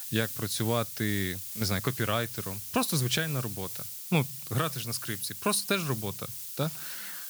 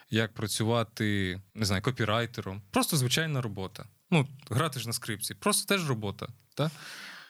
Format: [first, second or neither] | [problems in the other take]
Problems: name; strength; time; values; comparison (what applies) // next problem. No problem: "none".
second | hiss; loud; throughout; 4 dB below the speech